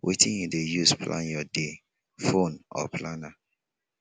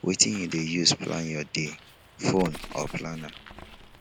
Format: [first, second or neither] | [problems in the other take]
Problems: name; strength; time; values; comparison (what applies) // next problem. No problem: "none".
first | background sound (Bird); 16 dB below the speech